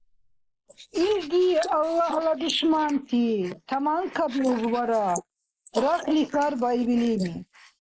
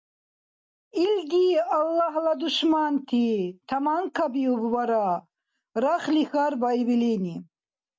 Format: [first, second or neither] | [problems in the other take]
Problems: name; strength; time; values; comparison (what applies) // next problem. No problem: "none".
second | noise reduction (neural mask model Resemble Enhance denoiser)